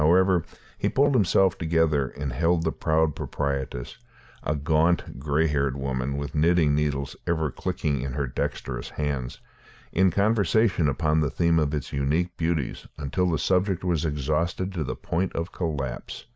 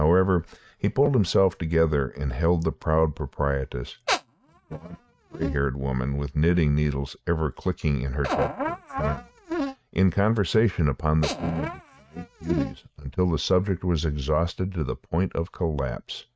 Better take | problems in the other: first | noise reduction (neural mask model RNNoise)

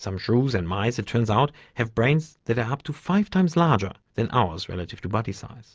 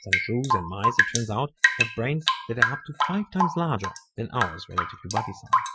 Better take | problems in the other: first | noise reduction (classical method Wiener filter)

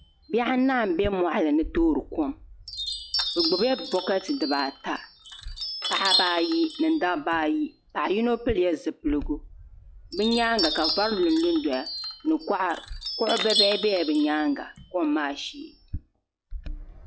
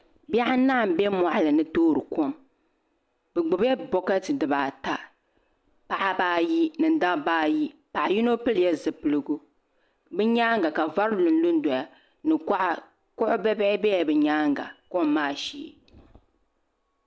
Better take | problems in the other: second | noise reduction (classical method log-MMSE)

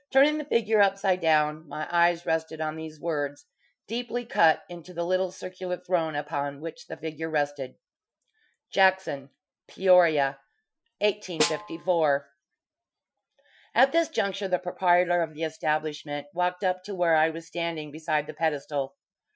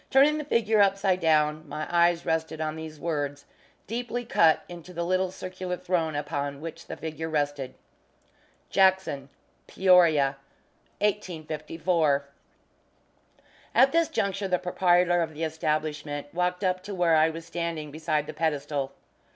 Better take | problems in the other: second | noise reduction (classical method Wiener filter)

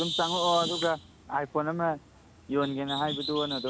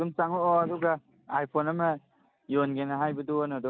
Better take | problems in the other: second | background sound (Bird); 8 dB below the speech

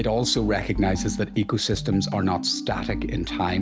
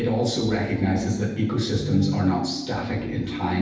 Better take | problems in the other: first | room echo; dies away in 0.9 s

